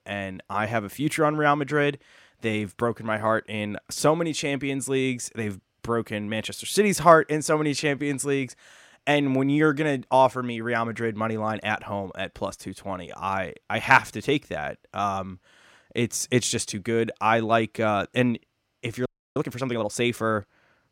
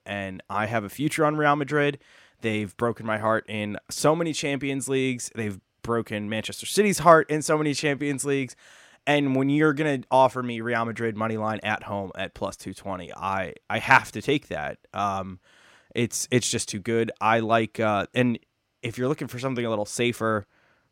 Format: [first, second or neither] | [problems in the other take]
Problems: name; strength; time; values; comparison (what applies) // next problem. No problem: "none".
second | audio freezing; at 19 s